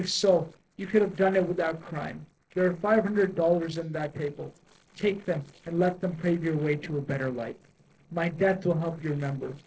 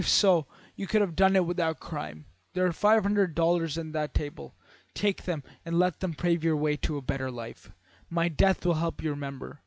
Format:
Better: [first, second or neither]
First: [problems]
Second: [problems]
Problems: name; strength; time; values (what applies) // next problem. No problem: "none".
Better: second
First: noise reduction (neural separator model SepFormer DNS4)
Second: none